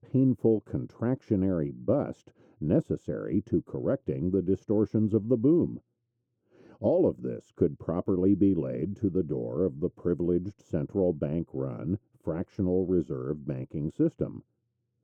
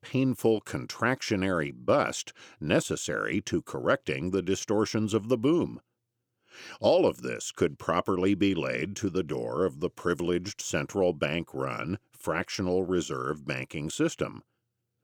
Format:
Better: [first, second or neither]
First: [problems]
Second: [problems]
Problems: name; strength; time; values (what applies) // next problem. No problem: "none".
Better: second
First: muffled; very; fading above 1 kHz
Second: none